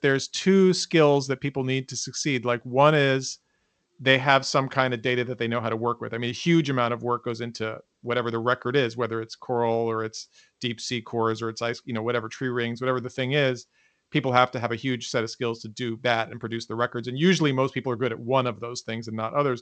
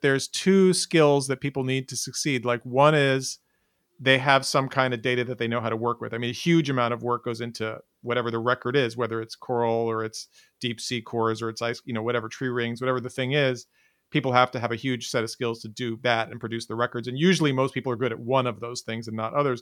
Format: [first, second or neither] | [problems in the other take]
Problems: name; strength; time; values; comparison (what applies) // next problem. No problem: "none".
second | garbled, watery; slightly